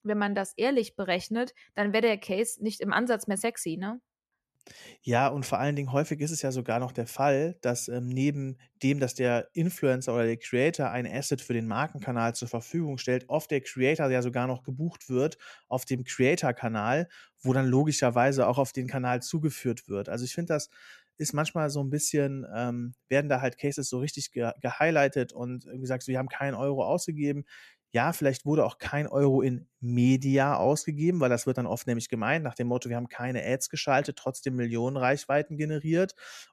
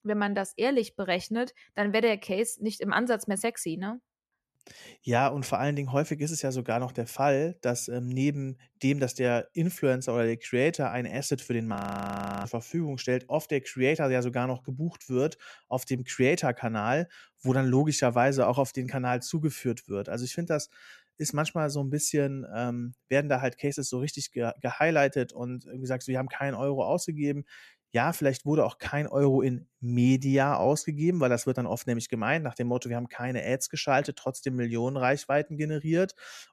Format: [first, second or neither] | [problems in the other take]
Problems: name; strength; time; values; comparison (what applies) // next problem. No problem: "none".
first | audio freezing; at 12 s for 0.5 s